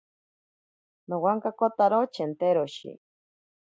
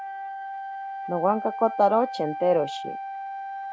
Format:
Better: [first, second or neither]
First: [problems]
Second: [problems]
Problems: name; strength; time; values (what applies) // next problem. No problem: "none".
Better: first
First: none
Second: background sound (Wind instrument, woodwind instrument); 7 dB below the speech